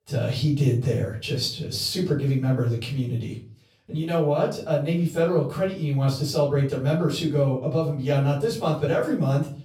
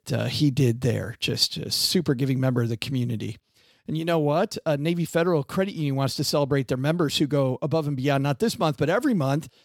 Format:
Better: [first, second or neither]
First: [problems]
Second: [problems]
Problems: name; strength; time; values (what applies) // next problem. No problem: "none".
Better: second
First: room echo; slight; dies away in 0.4 s // off-mic speech; far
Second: none